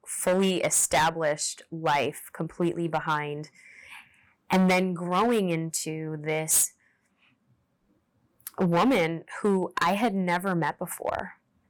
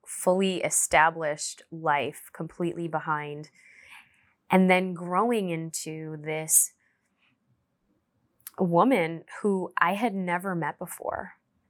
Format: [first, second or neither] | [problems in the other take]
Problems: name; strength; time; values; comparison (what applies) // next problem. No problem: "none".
second | distortion; heavy; 6% of the sound clipped